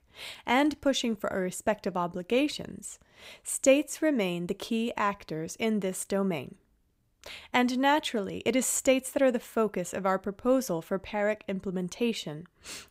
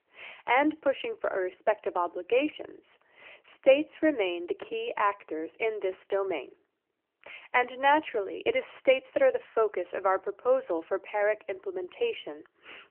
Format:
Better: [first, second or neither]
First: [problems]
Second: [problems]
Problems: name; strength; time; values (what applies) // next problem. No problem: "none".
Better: first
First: none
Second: phone-call audio; nothing above 3 kHz